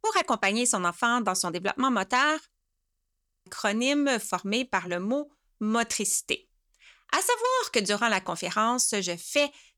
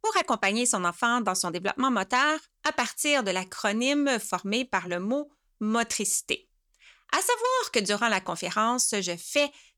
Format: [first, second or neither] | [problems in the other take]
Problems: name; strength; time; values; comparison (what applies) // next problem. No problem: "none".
second | audio freezing; at 2.5 s for 1 s